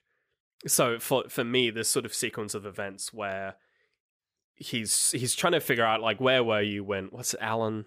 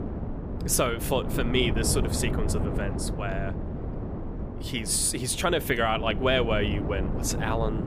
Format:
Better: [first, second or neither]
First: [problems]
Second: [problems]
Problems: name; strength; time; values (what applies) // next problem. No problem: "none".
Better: first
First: none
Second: wind noise on the microphone; occasional gusts; 10 dB below the speech